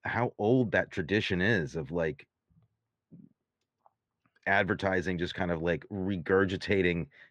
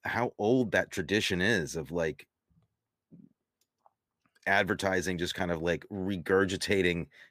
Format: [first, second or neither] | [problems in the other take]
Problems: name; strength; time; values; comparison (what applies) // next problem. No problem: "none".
second | muffled; slightly; fading above 3 kHz